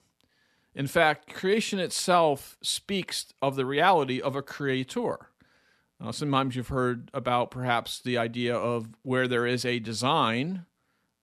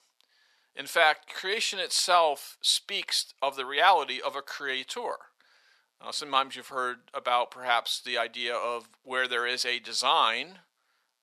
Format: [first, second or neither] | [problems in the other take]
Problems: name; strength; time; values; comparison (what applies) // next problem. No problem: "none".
first | thin; very; fading below 750 Hz